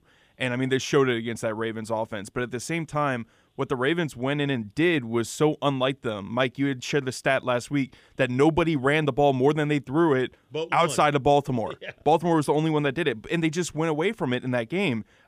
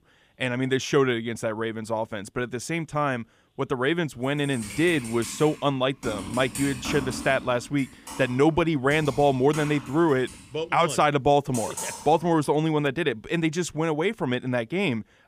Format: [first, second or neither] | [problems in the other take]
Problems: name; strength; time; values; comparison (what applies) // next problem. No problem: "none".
first | keyboard typing; noticeable; from 4.5 to 12 s; peak 7 dB below the speech